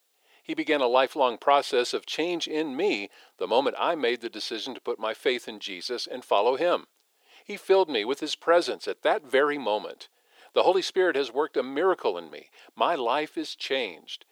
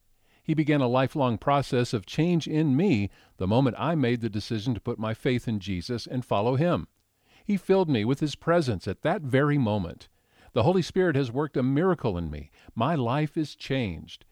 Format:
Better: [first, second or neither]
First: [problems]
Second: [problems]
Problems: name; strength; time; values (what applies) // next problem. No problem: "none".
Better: second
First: thin; very; fading below 400 Hz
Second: none